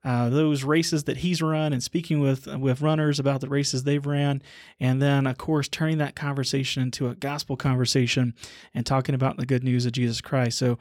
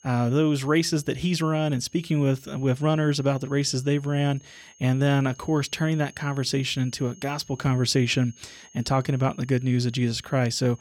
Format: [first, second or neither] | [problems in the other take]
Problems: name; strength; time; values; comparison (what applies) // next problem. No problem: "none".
first | high-pitched whine; faint; throughout; 6.5 kHz, 25 dB below the speech